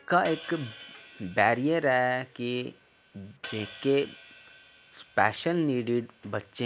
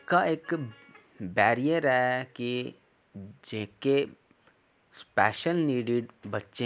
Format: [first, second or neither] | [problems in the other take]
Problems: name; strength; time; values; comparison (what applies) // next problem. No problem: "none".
second | background sound (Hi-hat); 20 dB below the speech